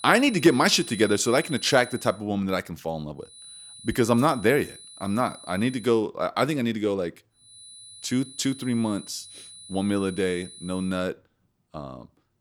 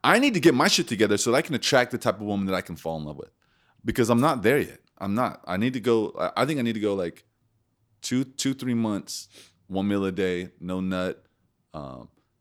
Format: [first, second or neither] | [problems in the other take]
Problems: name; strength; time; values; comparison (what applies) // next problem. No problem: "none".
second | high-pitched whine; noticeable; until 2 s, from 3.5 to 6 s and from 7.5 to 11 s; 4 kHz, 15 dB below the speech